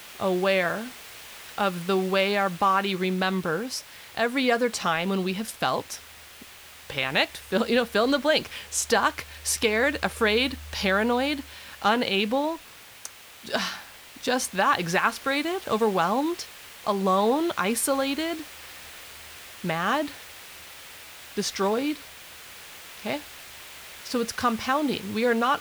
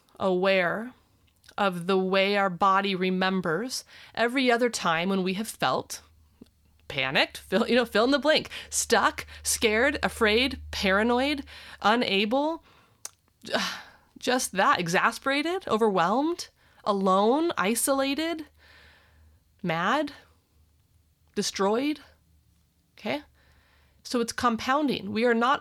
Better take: second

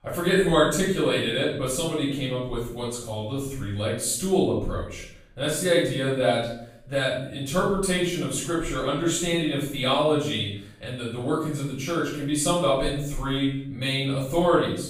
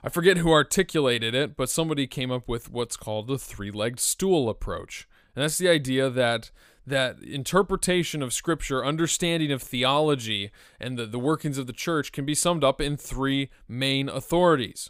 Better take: second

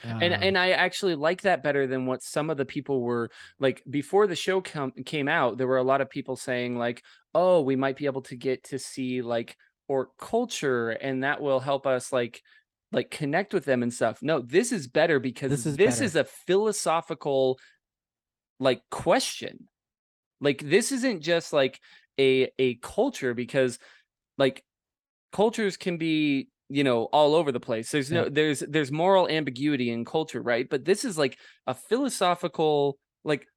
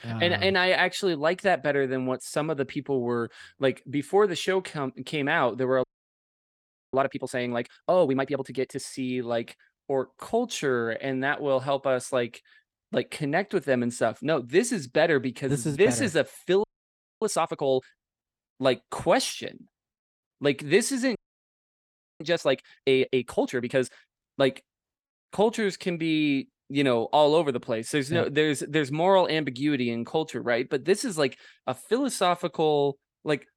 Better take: first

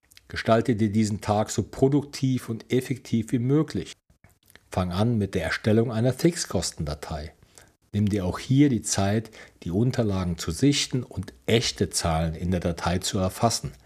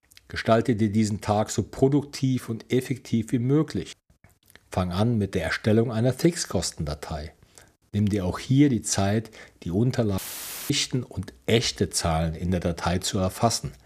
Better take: first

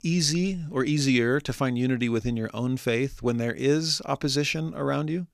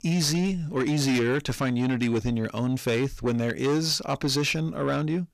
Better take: first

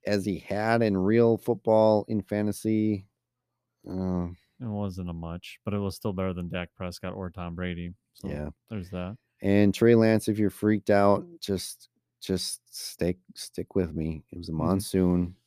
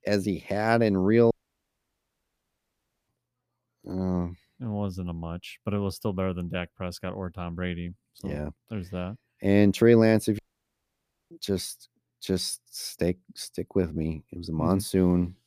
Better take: first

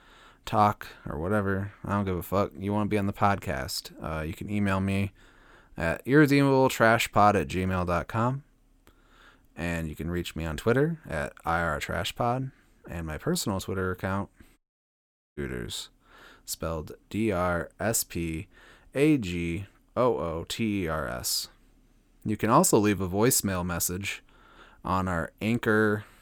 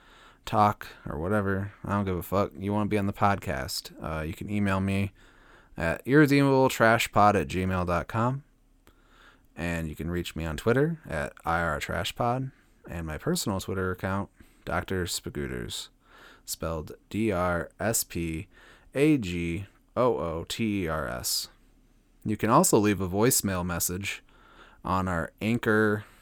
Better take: second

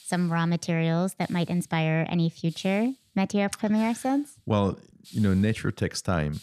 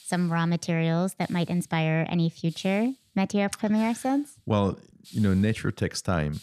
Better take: neither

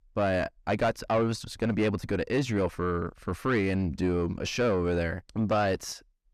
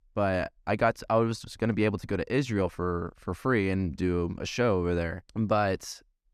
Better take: second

